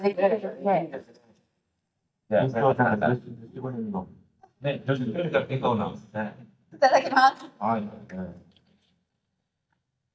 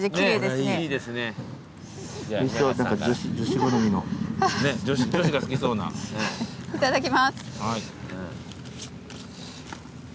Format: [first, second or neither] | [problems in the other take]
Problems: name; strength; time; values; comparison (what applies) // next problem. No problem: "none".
second | noise reduction (neural mask model DeepFilterNet 3)